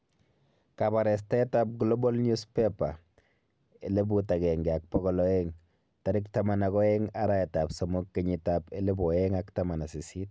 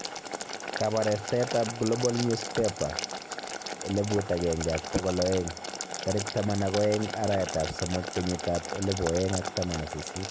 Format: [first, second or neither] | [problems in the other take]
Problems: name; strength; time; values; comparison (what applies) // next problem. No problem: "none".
first | background sound (Boiling); 6 dB below the speech